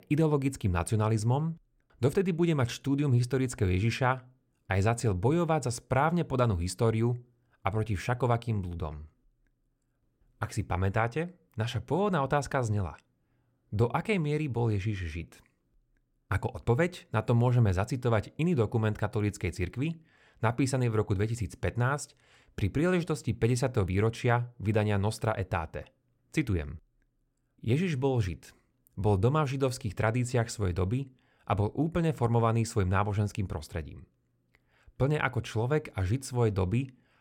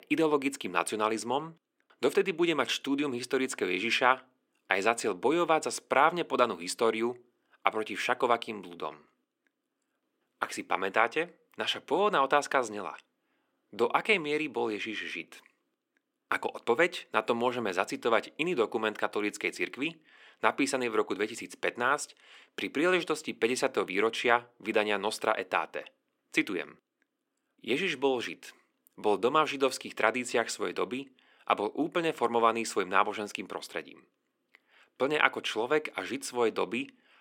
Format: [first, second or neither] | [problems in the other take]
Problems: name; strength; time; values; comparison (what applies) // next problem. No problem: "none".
first | thin; somewhat; fading below 250 Hz